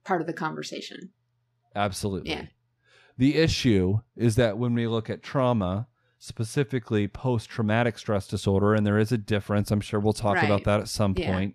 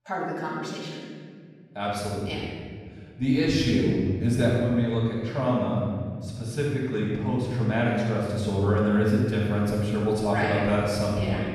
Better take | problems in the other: first | off-mic speech; far // room echo; strong; dies away in 1.8 s

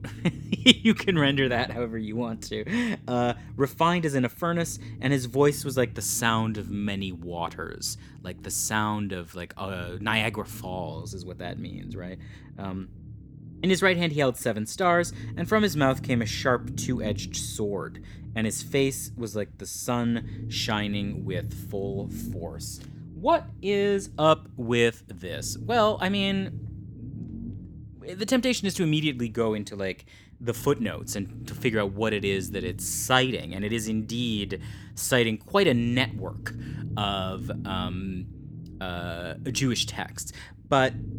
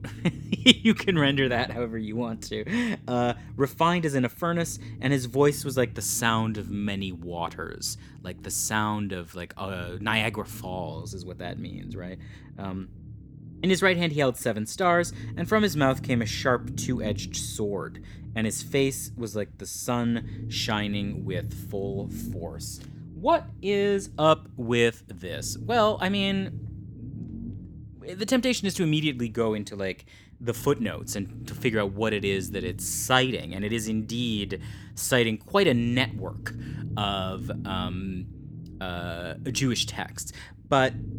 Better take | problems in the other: neither | low rumble; faint; throughout; 20 dB below the speech; the same in both

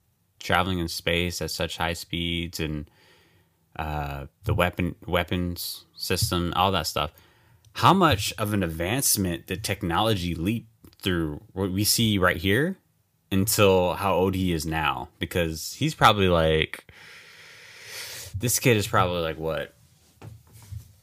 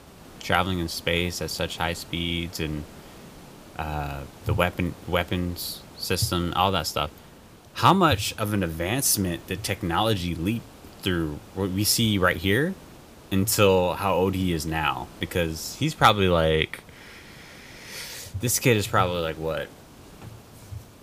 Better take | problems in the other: first | hiss; faint; throughout; 20 dB below the speech

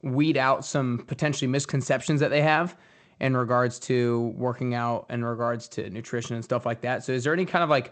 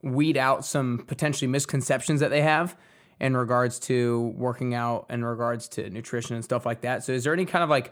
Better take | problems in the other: second | garbled, watery; slightly; nothing above 8 kHz

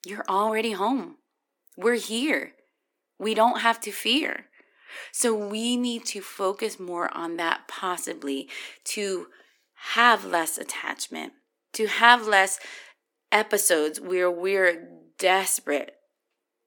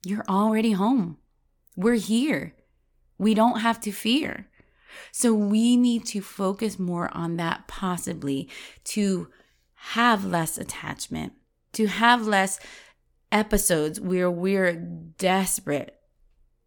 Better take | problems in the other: second | thin; somewhat; fading below 300 Hz

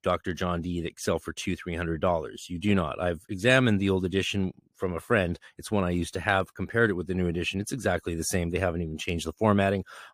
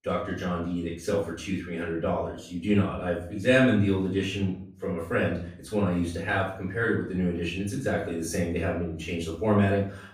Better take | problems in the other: first | off-mic speech; far // room echo; noticeable; dies away in 0.4 s

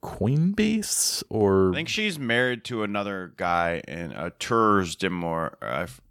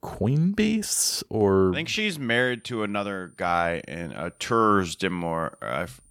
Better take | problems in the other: first | high-pitched whine; faint; from 2.5 s on; 9 kHz, 35 dB below the speech

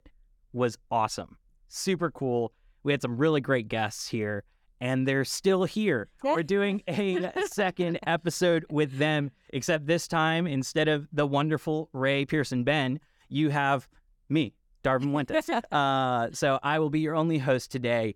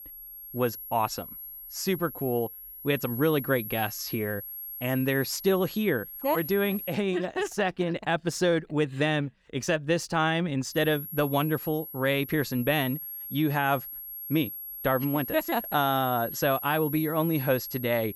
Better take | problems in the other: first | high-pitched whine; loud; until 7 s and from 11 s on; 11.5 kHz, 9 dB below the speech

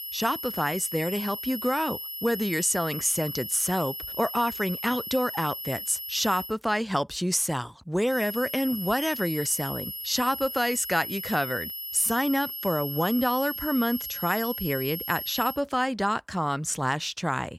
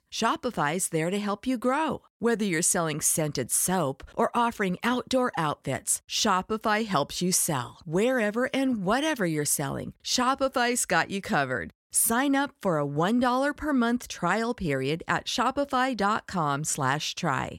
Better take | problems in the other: second | high-pitched whine; loud; until 6.5 s and from 8 to 16 s; 11.5 kHz, 6 dB below the speech

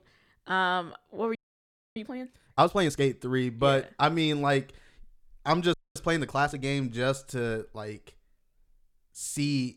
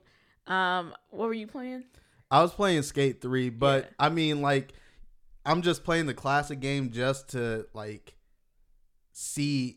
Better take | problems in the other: second | audio freezing; at 1.5 s for 0.5 s and at 5.5 s

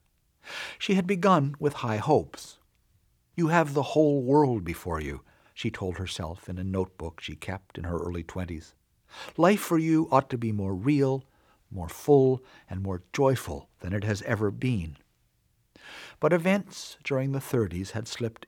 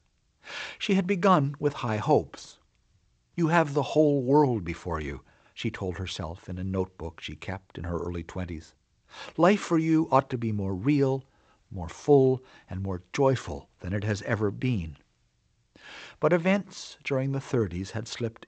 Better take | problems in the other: first | garbled, watery; slightly; nothing above 8 kHz

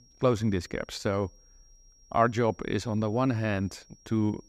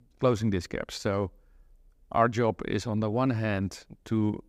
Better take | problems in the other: second | high-pitched whine; faint; throughout; 5.5 kHz, 30 dB below the speech

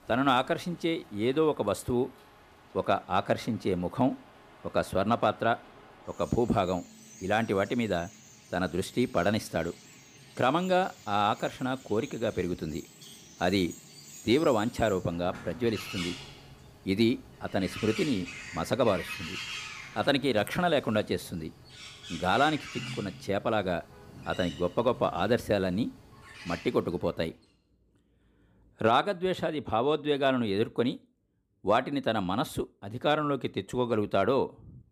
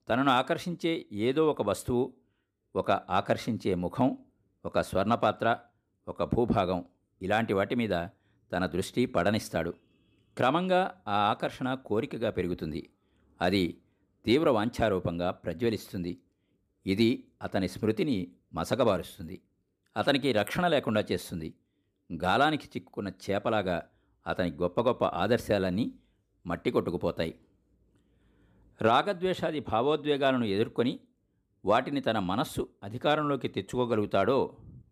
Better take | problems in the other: second | animal sounds; noticeable; until 27 s; 15 dB below the speech

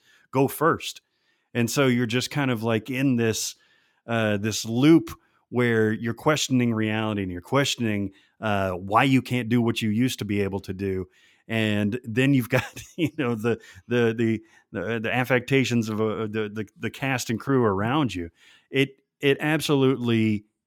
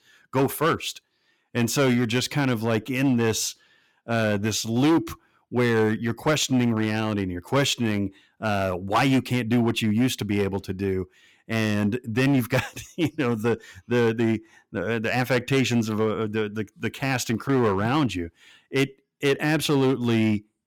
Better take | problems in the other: first | distortion; slight; 6% of the sound clipped

